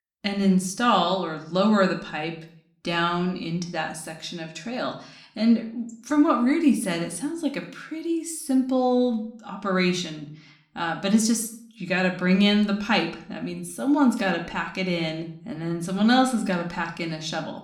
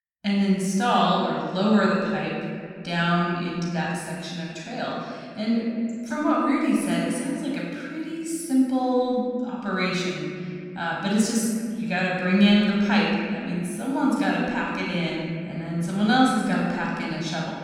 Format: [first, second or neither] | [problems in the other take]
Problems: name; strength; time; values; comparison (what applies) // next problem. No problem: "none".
first | room echo; strong; dies away in 2.2 s; slight in the first // off-mic speech; far